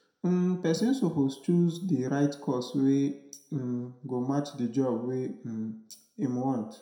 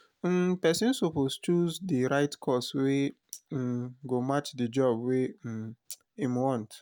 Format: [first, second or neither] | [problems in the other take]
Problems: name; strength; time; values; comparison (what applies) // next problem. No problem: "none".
second | room echo; dies away in 0.5 s